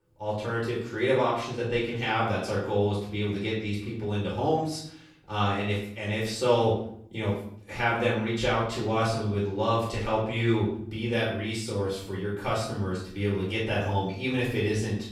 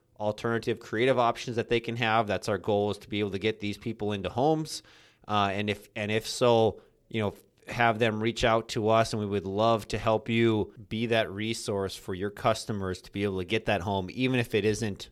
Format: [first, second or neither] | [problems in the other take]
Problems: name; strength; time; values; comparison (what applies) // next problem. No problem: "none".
second | off-mic speech; far // room echo; noticeable; dies away in 0.6 s